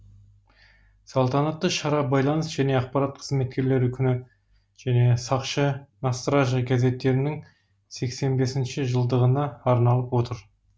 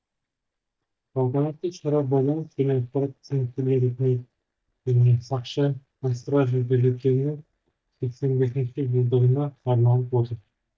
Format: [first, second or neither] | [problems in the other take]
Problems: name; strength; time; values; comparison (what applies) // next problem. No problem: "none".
first | noise reduction (neural mask model DeepFilterNet 3)